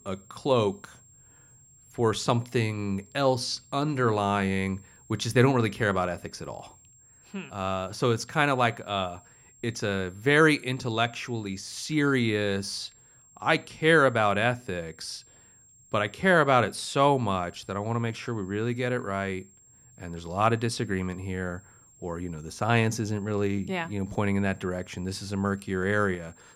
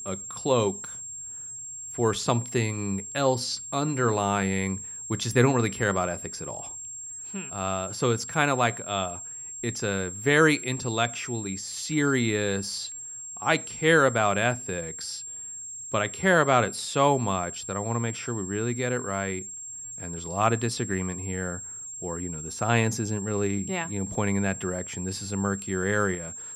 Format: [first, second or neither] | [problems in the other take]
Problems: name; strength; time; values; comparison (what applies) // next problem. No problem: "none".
first | high-pitched whine; loud; throughout; 7.5 kHz, 9 dB below the speech; faint in the first